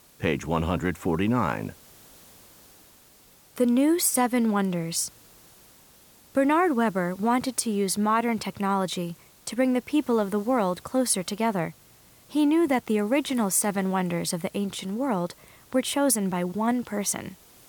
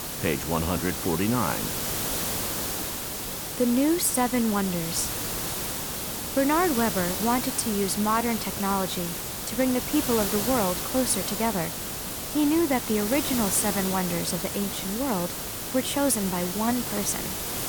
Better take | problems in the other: first | hiss; loud; throughout; 3 dB below the speech; faint in the first

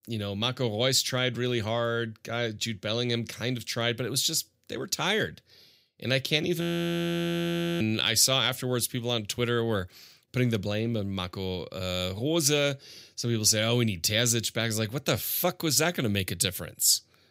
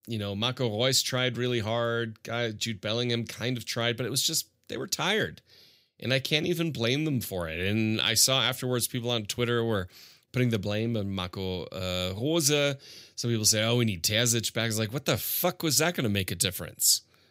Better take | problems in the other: second | audio freezing; at 6.5 s for 1 s

